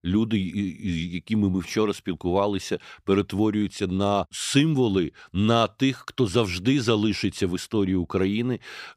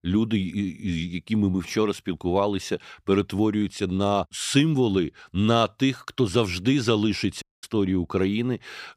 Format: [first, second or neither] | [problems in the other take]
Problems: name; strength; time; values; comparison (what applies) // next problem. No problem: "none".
first | audio cutting out; at 7.5 s